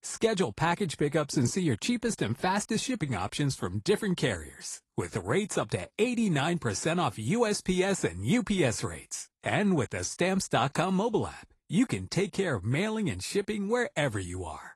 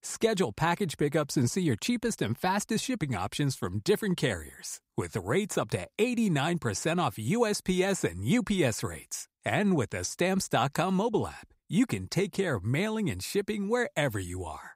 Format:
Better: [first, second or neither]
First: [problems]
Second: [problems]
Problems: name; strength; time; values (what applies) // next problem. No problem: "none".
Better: second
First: garbled, watery; slightly; nothing above 11 kHz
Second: none